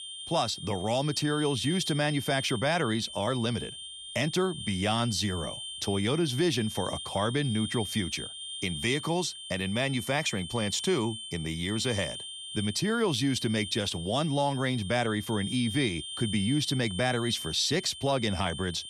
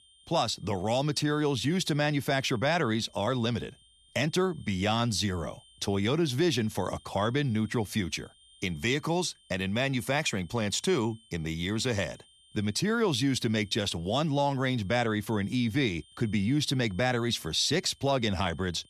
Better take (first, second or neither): second